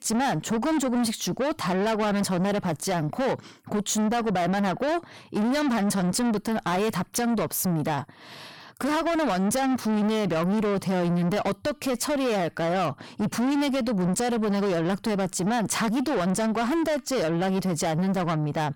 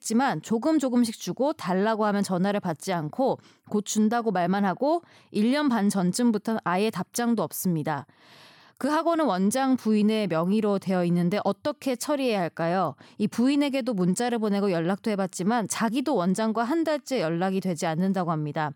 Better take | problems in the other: second | distortion; heavy; 7 dB below the speech

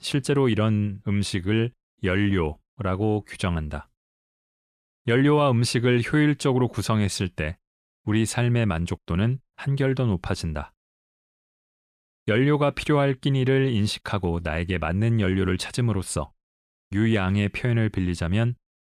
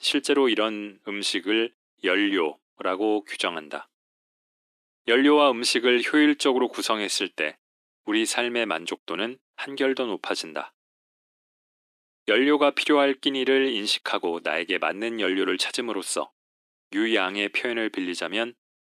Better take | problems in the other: first | thin; somewhat; fading below 300 Hz

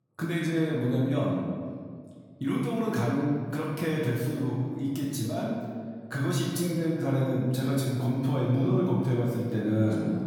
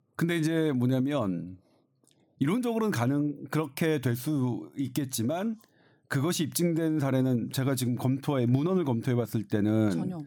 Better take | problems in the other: second | off-mic speech; far // room echo; noticeable; dies away in 1.7 s

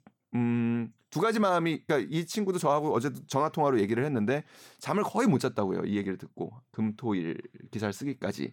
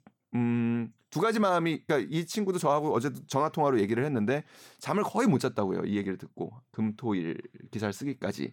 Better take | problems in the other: neither | none

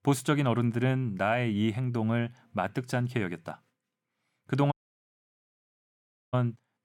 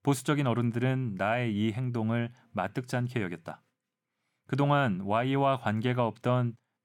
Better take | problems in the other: second | audio cutting out; at 4.5 s for 1.5 s

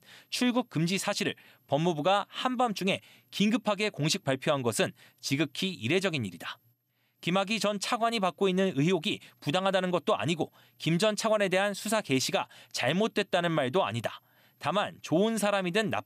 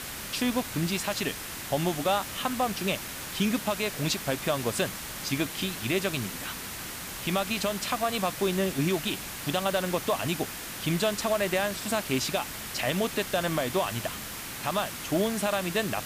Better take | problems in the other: first | hiss; loud; throughout; 6 dB below the speech

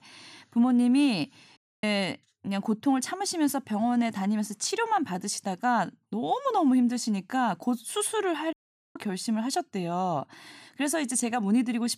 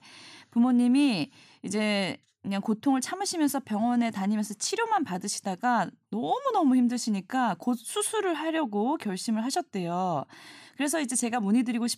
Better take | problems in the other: second | audio cutting out; at 1.5 s and at 8.5 s

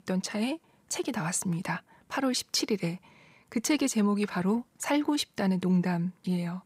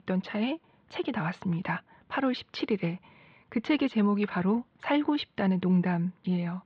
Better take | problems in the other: first | muffled; very; fading above 3.5 kHz

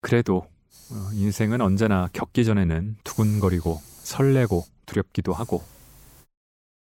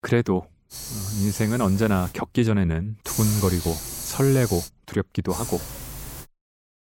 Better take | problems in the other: first | hiss; loud; from 0.5 to 2 s, from 3 to 4.5 s and at 5.5 s; 8 dB below the speech; faint in the first

